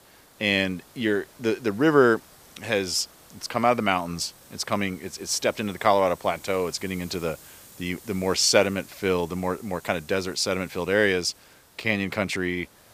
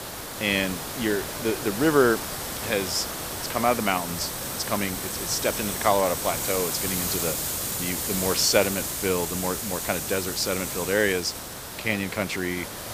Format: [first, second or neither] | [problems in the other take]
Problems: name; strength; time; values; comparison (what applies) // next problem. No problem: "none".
first | hiss; loud; throughout; 3 dB below the speech; faint in the first